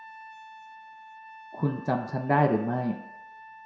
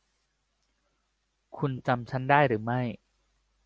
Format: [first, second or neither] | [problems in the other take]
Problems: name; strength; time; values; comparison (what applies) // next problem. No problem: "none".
second | background sound (Trumpet); 17 dB below the speech // room echo; dies away in 0.6 s